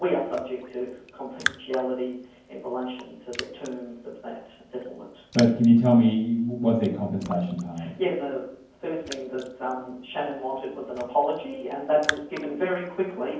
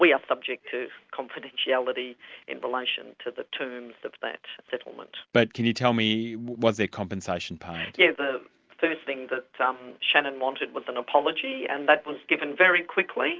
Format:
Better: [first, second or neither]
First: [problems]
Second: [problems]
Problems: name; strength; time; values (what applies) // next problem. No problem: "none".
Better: second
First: background sound (Raindrop); 14 dB below the speech // room echo; dies away in 0.9 s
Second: none